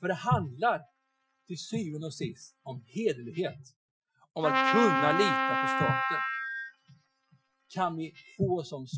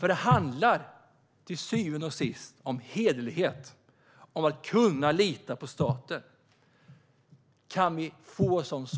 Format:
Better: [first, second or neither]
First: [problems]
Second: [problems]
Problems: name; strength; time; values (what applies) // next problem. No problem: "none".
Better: second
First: noise reduction (classical method Wiener filter)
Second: none